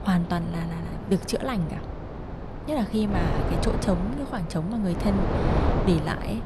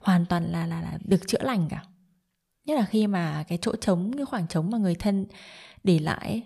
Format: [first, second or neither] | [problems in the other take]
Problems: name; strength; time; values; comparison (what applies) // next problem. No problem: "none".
second | wind noise on the microphone; heavy; 2 dB below the speech